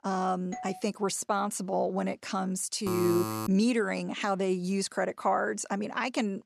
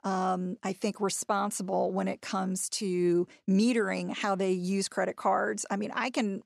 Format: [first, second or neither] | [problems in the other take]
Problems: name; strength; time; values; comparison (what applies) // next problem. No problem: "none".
second | doorbell; faint; at 0.5 s; peak 15 dB below the speech // alarm; noticeable; at 3 s; peak 3 dB below the speech